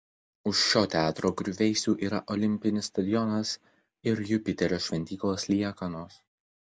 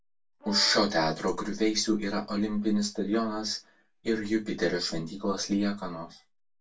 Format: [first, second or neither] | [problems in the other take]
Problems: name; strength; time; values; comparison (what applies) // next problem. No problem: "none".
first | background sound (Brass instrument); 17 dB below the speech // room echo; dies away in 0.2 s